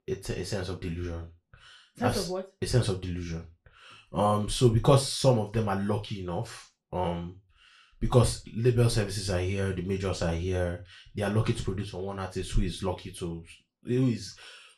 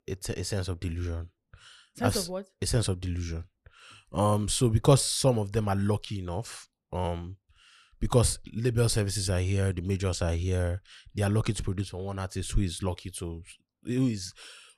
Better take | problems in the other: second | room echo; very slight; dies away in 0.3 s // off-mic speech; somewhat distant

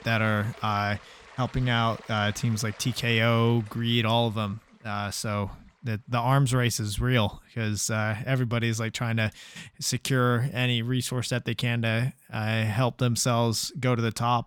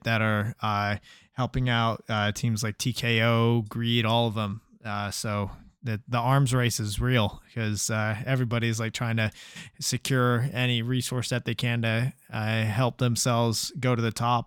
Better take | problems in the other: second | rain or running water; faint; throughout; 20 dB below the speech

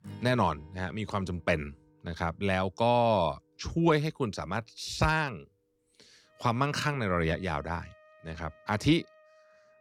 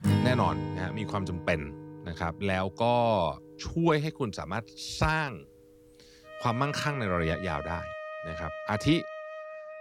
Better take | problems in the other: first | background music; loud; throughout; 7 dB below the speech; faint in the first

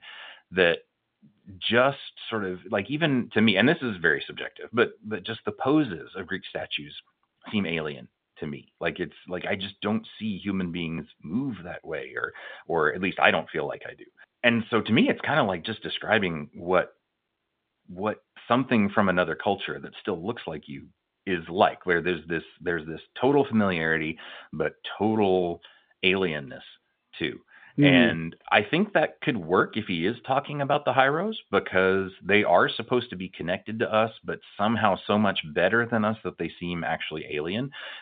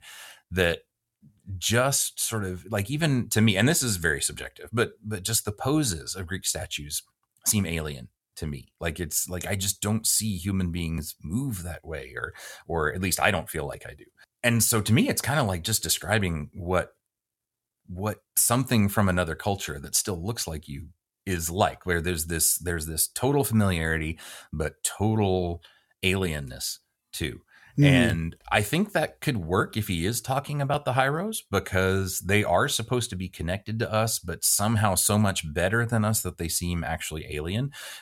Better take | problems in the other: second | phone-call audio; nothing above 3.5 kHz

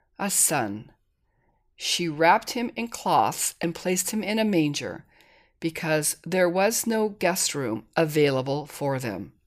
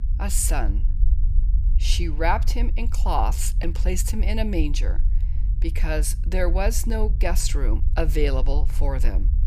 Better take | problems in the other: first | low rumble; noticeable; throughout; 15 dB below the speech

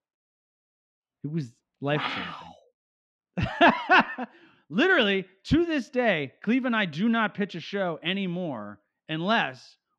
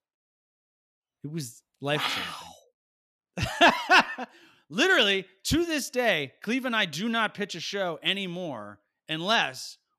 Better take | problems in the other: second | muffled; slightly; fading above 2.5 kHz

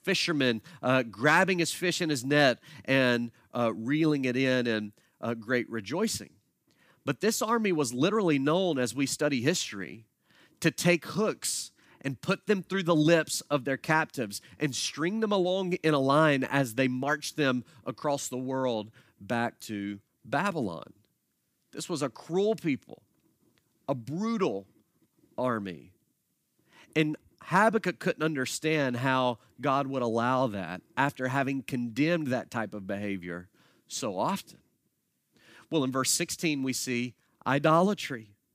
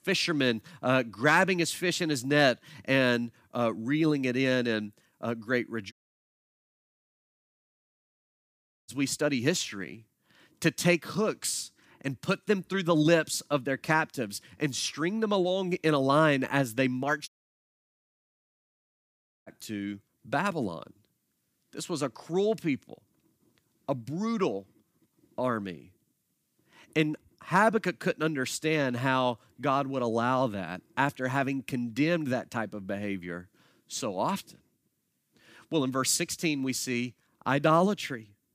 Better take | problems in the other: first | audio cutting out; at 6 s for 3 s and at 17 s for 2 s

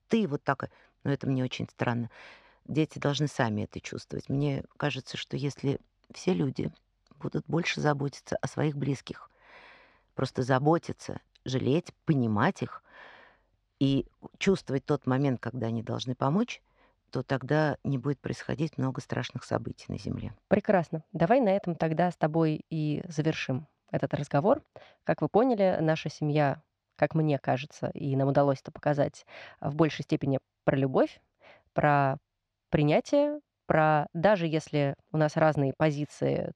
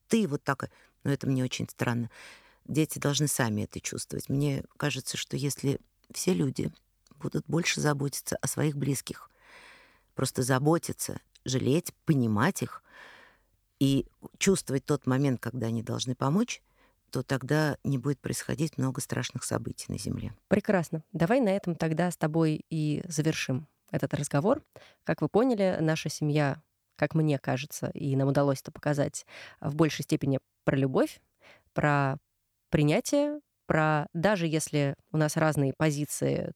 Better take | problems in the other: second | muffled; slightly; fading above 4.5 kHz

